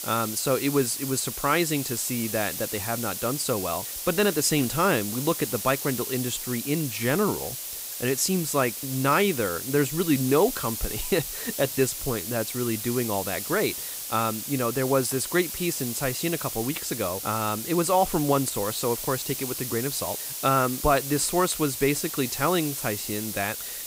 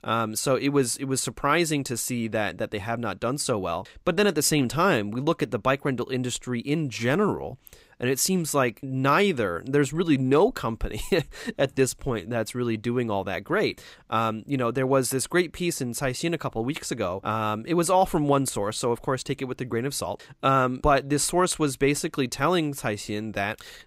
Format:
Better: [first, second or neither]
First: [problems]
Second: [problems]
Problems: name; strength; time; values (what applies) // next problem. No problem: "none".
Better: second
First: hiss; loud; throughout; 5 dB below the speech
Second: none